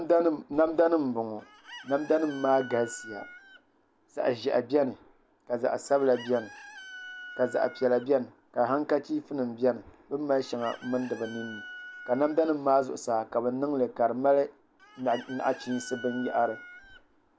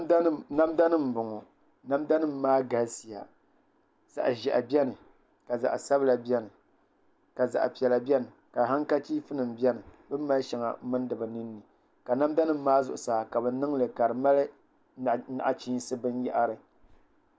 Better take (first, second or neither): second